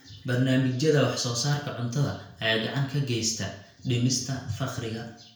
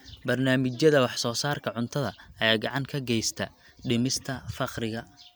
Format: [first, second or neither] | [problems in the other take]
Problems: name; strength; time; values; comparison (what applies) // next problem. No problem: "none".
second | room echo; dies away in 0.5 s